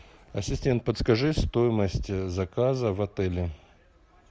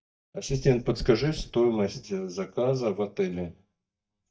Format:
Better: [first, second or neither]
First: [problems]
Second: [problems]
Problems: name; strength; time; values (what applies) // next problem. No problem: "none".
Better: first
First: none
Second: noise reduction (neural mask model DeepFilterNet 3)